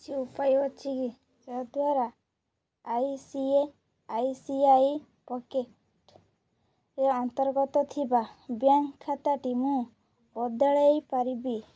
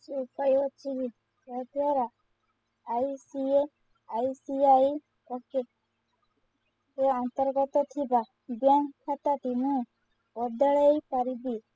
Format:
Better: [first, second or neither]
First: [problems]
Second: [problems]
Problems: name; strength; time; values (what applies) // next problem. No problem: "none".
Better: first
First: none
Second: noise reduction (classical method spectral subtraction)